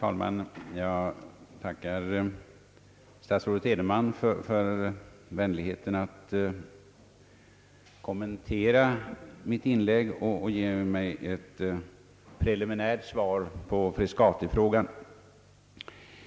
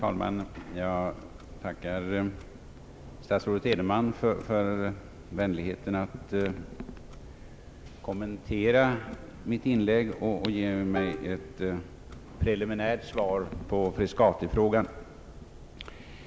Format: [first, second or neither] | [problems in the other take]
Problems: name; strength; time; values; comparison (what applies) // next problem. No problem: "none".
first | background sound (Plucked string instrument + Clock); 14 dB below the speech